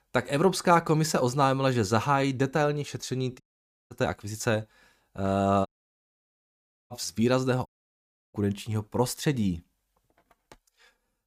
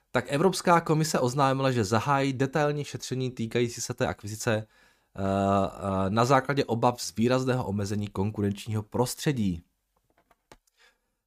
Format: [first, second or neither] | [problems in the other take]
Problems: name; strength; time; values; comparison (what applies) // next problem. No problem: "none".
second | audio cutting out; at 3.5 s for 0.5 s, at 5.5 s for 1 s and at 7.5 s for 0.5 s